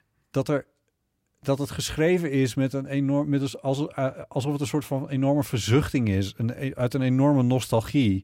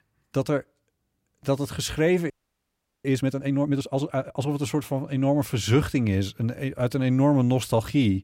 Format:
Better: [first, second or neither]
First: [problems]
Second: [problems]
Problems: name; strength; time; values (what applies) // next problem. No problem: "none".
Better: first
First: none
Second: audio freezing; at 2.5 s for 0.5 s